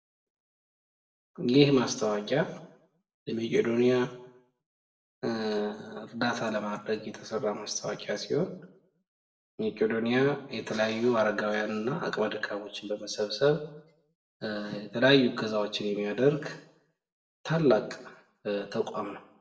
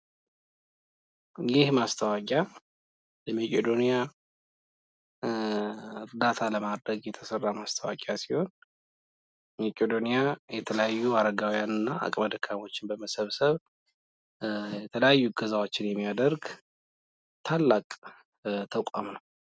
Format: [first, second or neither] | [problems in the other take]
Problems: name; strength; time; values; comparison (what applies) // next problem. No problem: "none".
second | room echo; dies away in 0.5 s